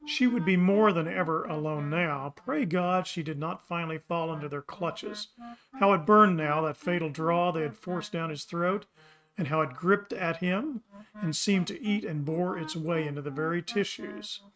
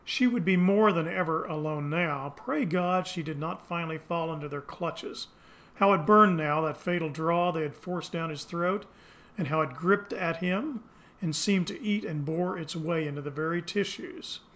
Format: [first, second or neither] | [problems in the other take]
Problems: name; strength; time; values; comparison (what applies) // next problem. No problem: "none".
second | noise reduction (neural mask model RNNoise)